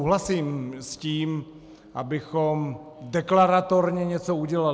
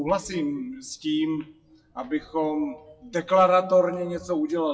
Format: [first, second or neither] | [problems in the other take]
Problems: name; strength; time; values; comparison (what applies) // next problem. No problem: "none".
first | noise reduction (classical method WPE with log-MMSE)